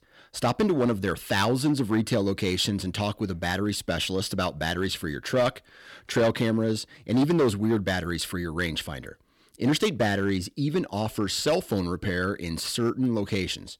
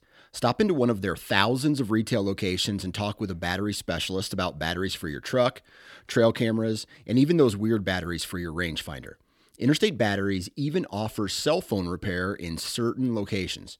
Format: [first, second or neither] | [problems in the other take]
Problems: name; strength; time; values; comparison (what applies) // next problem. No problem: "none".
second | distortion; slight; 4% of the sound clipped